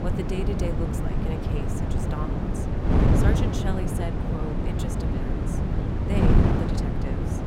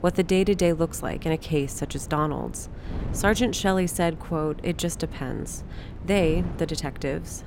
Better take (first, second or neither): second